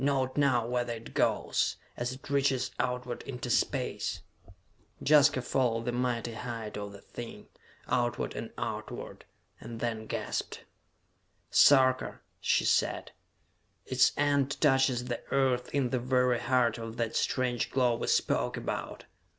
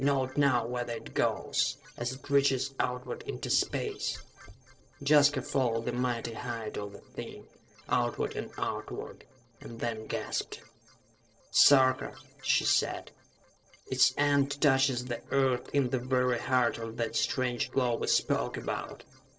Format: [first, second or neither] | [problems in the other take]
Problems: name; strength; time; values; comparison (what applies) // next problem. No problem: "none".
first | noise reduction (neural separator model SepFormer DNS4)